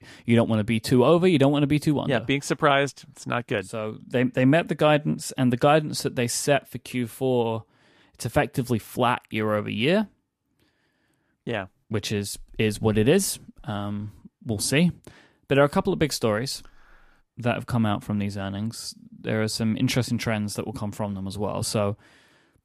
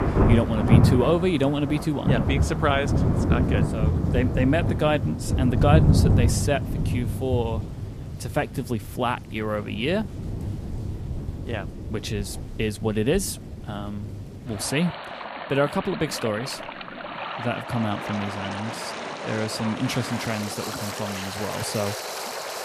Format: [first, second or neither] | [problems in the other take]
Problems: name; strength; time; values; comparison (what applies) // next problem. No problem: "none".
first | rain or running water; very loud; throughout; 1 dB above the speech